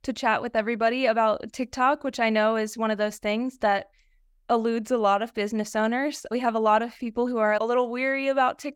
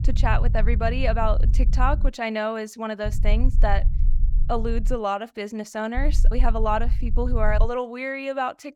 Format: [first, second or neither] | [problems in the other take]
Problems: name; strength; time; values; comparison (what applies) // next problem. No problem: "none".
first | low rumble; noticeable; until 2 s, from 3 to 5 s and from 6 to 7.5 s; 20 dB below the speech